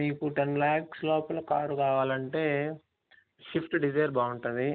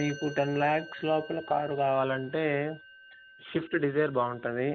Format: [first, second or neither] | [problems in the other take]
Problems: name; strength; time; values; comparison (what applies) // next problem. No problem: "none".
first | background sound (Musical instrument); 19 dB below the speech